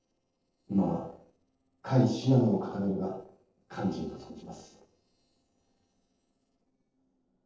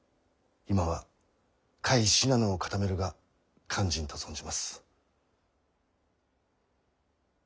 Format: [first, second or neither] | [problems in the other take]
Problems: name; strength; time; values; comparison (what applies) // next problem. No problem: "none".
second | noise reduction (neural separator model SepFormer DNS4)